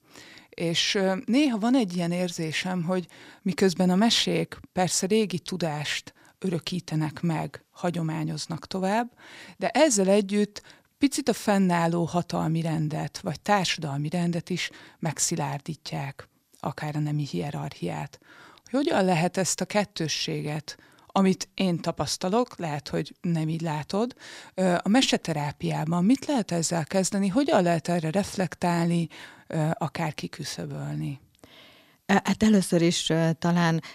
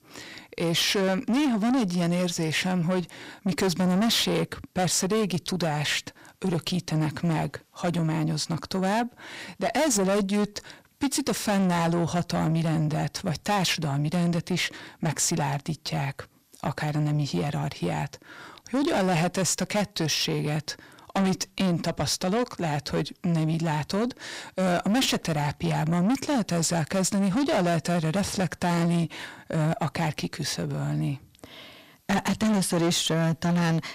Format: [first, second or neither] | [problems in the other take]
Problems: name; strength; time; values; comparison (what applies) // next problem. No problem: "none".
first | distortion; heavy; 7 dB below the speech